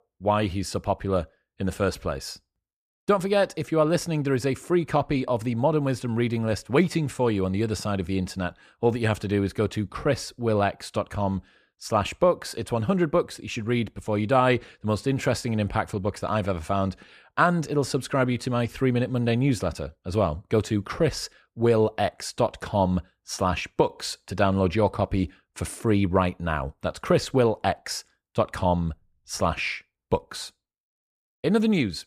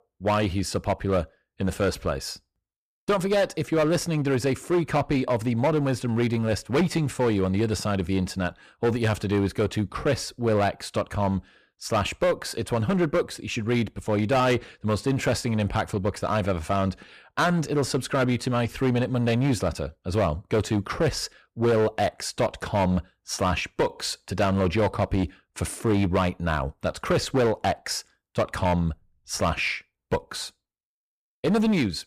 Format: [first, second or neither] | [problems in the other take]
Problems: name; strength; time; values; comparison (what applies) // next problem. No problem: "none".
first | distortion; slight; 8% of the sound clipped